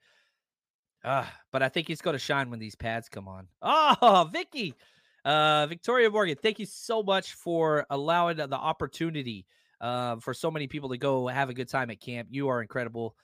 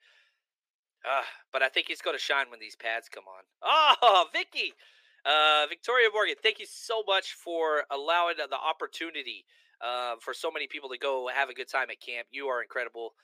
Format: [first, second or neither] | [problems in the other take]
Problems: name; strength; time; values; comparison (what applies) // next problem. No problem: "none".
first | thin; very; fading below 350 Hz